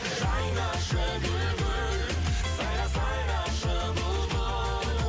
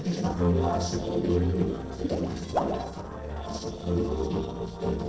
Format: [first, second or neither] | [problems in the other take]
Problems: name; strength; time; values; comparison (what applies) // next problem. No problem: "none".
first | noise reduction (neural separator model SepFormer DNS4)